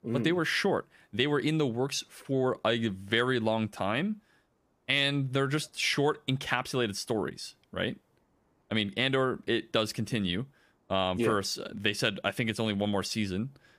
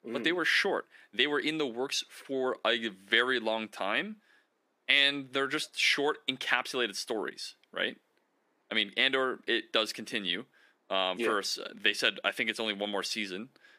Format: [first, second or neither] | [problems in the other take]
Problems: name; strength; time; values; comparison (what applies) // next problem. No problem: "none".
first | thin; somewhat; fading below 250 Hz